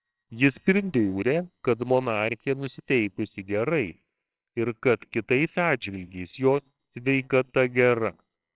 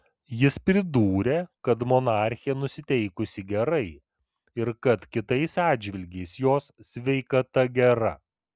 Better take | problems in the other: second | noise reduction (neural separator model SepFormer WHAMR!)

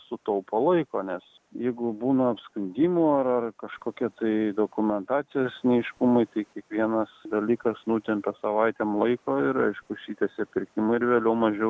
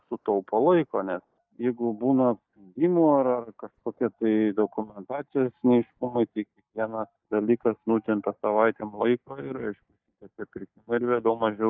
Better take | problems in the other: first | noise reduction (neural mask model DeepFilterNet 3)

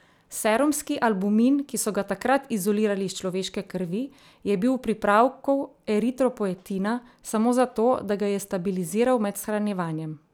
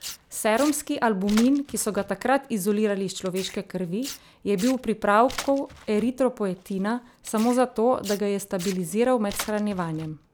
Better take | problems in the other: first | background sound (Tearing); 17 dB below the speech

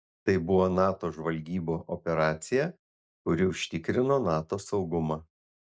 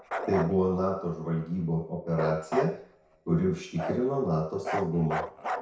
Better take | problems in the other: first | background sound (Bark); 8 dB below the speech // room echo; dies away in 0.6 s

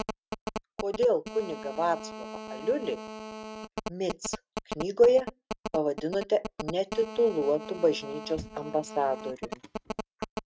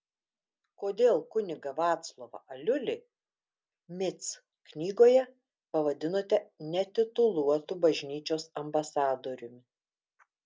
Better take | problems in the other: second | noise reduction (neural mask model RNNoise)

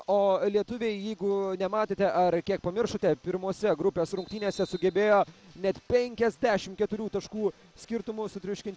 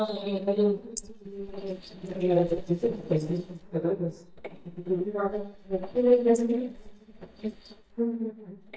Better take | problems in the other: first | noise reduction (neural mask model DeepFilterNet 3)

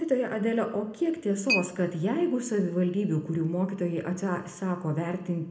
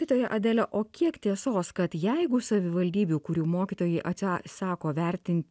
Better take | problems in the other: second | background sound (Chink, clink); 13 dB below the speech // room echo; dies away in 0.7 s

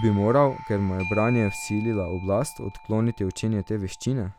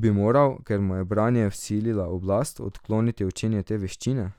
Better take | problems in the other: second | background sound (Doorbell); 15 dB below the speech

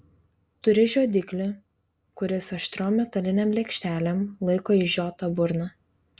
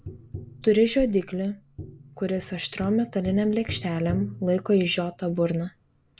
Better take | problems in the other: first | background sound (Tap); 14 dB below the speech

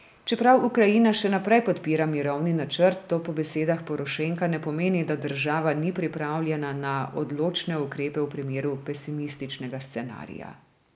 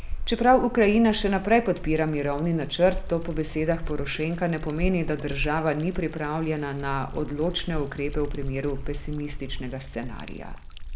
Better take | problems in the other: first | background sound (Liquid); 7 dB below the speech

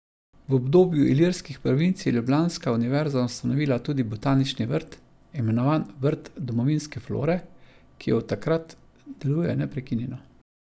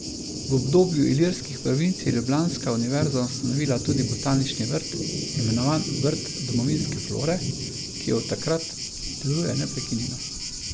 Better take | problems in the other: first | background sound (Thunder); 5 dB below the speech

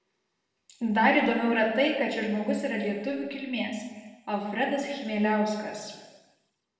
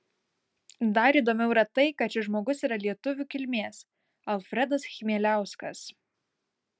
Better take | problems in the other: second | room echo; dies away in 1.2 s

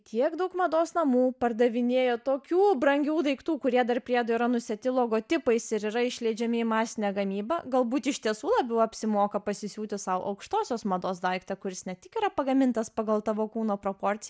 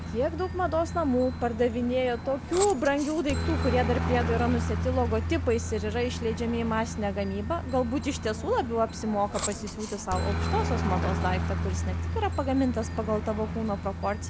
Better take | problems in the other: first | background sound (Aircraft); 3 dB below the speech

